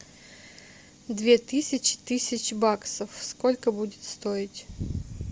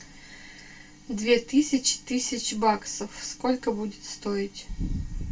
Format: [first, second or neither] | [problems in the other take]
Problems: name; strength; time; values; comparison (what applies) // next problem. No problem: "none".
first | room echo; dies away in 0.2 s